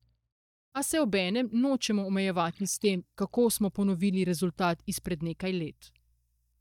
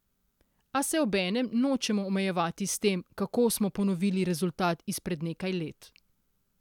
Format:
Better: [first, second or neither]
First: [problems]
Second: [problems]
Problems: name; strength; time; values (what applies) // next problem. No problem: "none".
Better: second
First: noise reduction (neural mask model DeepFilterNet 3)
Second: none